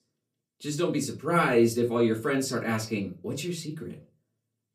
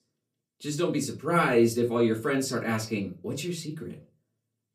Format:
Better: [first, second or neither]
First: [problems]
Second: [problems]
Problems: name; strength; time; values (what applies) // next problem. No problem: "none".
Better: neither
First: off-mic speech; far // room echo; very slight; dies away in 0.3 s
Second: off-mic speech; far // room echo; very slight; dies away in 0.3 s